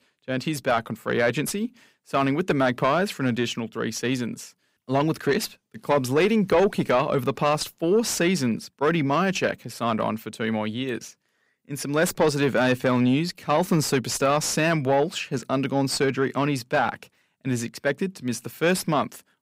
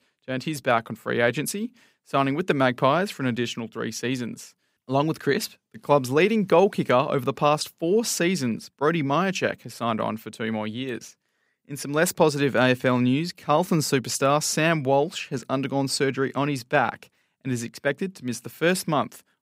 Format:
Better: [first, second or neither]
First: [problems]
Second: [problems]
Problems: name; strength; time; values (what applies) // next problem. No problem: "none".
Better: second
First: distortion; slight; 10 dB below the speech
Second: none